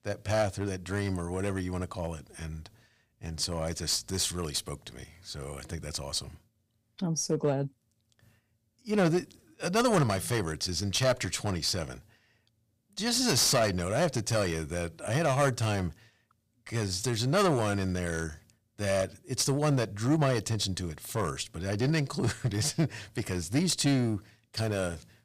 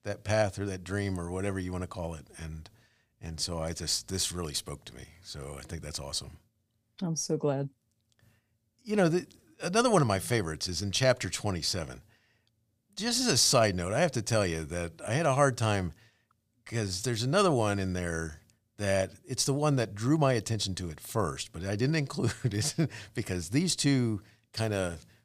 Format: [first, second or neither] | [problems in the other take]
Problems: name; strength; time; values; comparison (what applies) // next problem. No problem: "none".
second | distortion; slight; 4% of the sound clipped